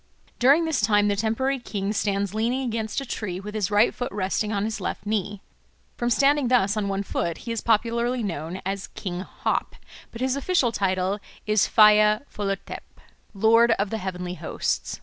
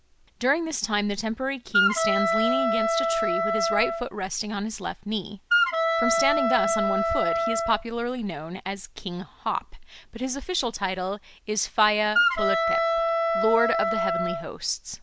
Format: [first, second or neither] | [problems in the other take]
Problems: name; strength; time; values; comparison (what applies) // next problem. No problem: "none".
first | background sound (Wind instrument, woodwind instrument); 4 dB above the speech